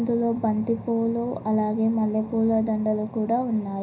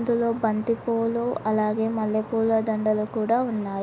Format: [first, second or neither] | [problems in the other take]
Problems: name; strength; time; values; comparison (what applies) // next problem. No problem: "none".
second | room echo; dies away in 0.4 s